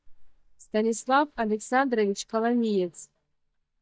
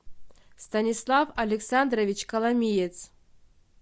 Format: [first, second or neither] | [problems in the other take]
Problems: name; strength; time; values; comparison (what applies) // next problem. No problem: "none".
second | noise reduction (neural mask model DeepFilterNet 3)